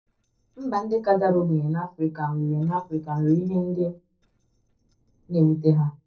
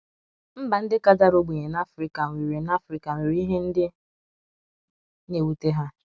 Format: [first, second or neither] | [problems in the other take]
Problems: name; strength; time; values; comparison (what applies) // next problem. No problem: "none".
second | noise reduction (neural separator model SepFormer DNS4)